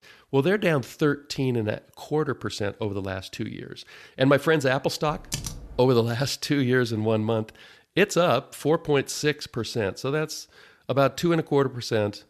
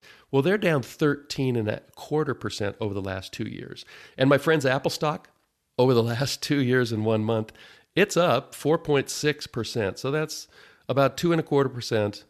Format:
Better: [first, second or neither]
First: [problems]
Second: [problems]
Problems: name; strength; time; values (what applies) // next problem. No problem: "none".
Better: second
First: keyboard typing; noticeable; at 5 s; peak 7 dB below the speech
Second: none